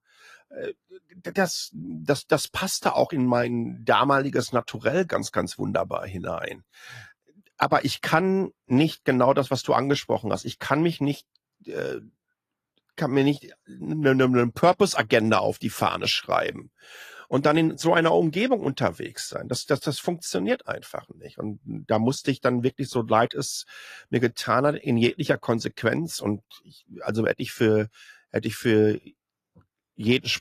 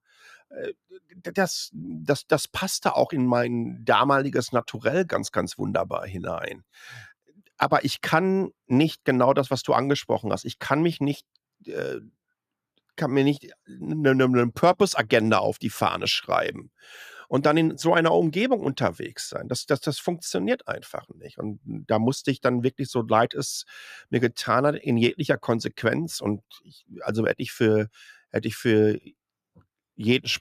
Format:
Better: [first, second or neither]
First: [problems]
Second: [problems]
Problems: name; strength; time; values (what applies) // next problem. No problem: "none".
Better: second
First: garbled, watery; slightly; nothing above 14.5 kHz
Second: none